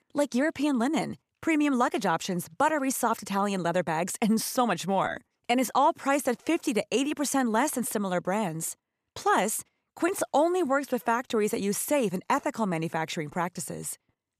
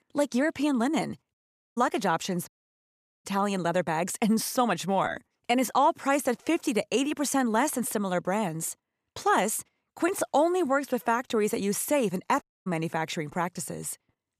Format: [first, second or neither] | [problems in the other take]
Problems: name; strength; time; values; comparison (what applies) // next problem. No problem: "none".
first | audio cutting out; at 1.5 s, at 2.5 s for 1 s and at 12 s